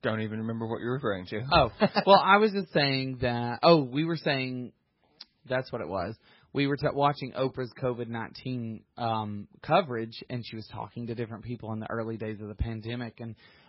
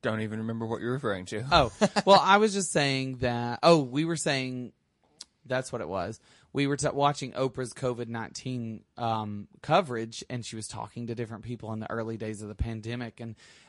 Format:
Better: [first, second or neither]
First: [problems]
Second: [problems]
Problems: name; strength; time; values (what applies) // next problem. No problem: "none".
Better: second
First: garbled, watery; badly; nothing above 4.5 kHz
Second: garbled, watery; slightly; nothing above 10.5 kHz